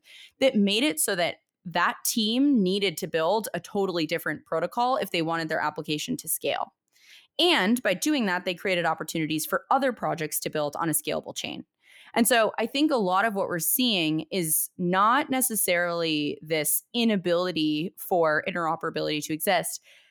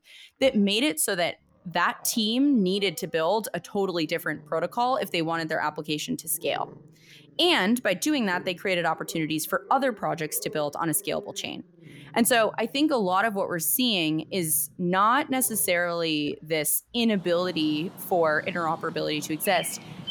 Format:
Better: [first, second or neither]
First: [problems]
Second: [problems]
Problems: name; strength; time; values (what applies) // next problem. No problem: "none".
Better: first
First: none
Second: animal sounds; faint; throughout; 20 dB below the speech